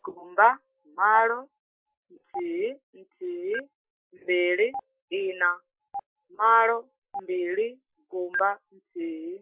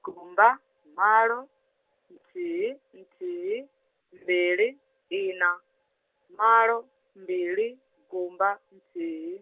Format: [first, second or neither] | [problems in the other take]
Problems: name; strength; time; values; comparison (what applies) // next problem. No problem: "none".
second | noise reduction (classical method Wiener filter)